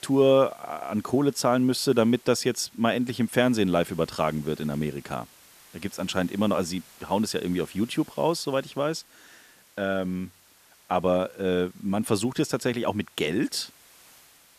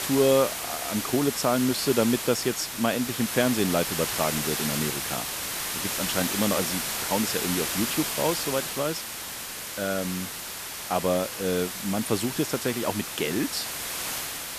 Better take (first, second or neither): first